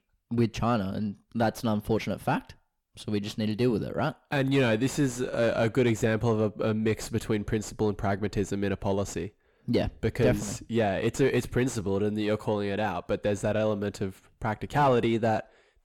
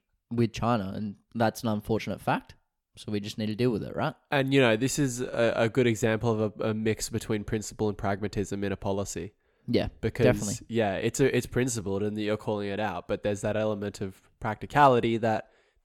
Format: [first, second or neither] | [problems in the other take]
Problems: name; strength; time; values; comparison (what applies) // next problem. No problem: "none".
second | distortion; slight; 10 dB below the speech